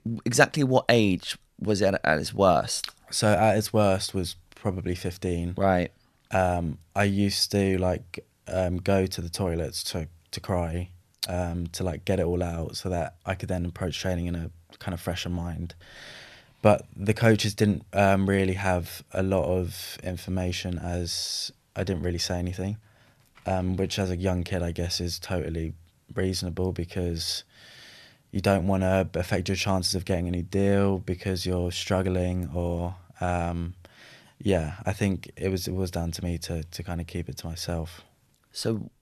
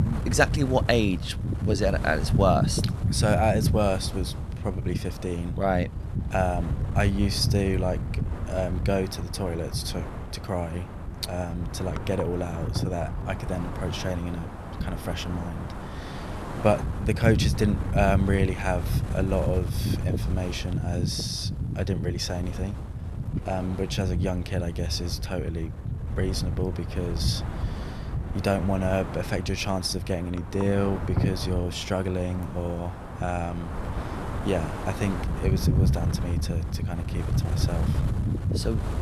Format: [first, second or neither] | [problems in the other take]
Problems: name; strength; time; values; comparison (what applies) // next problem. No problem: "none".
first | wind noise on the microphone; heavy; 9 dB below the speech